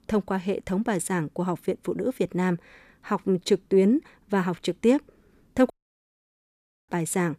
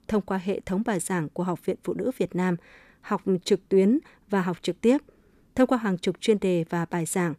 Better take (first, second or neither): second